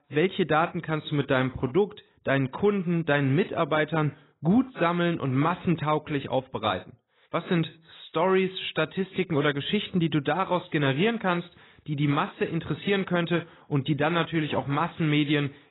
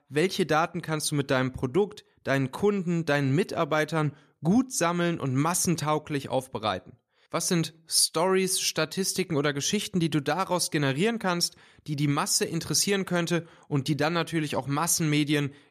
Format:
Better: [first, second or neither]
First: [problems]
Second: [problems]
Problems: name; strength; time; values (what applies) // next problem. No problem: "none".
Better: second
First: garbled, watery; badly; nothing above 4 kHz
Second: none